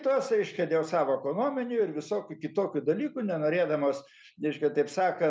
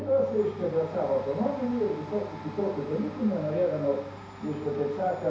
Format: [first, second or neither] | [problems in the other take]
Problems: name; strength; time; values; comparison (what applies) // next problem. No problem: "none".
first | background sound (Domestic sounds, home sounds); 14 dB below the speech // room echo; dies away in 0.6 s